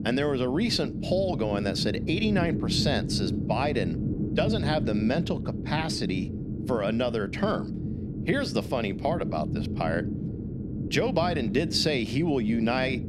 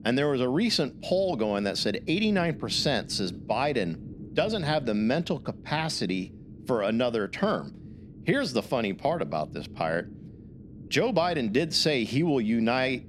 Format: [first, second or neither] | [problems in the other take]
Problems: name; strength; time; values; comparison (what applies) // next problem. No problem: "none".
second | low rumble; loud; throughout; 10 dB below the speech; faint in the second